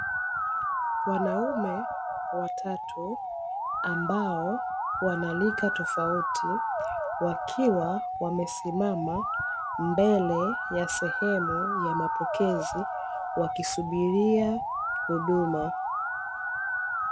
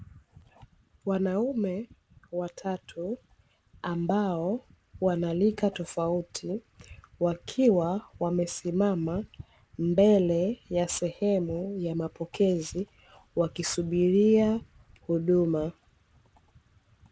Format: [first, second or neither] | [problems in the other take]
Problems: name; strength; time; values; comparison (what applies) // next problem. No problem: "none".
second | background sound (Musical instrument); 1 dB below the speech